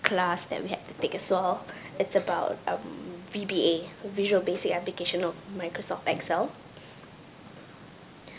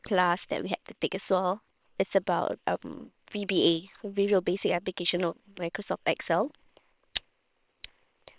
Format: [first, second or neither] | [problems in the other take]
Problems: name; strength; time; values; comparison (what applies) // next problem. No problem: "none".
first | noise reduction (neural separator model SepFormer WHAM!)